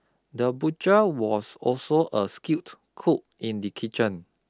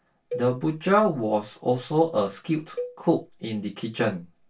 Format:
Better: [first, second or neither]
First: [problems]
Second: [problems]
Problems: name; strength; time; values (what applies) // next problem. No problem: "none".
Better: first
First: none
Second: background sound (Cowbell); 15 dB below the speech // room echo; dies away in 0.2 s